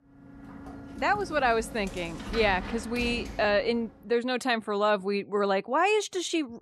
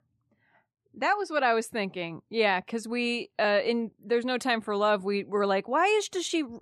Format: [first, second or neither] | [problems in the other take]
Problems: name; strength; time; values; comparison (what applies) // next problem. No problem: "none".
second | door banging; noticeable; until 4 s; peak 9 dB below the speech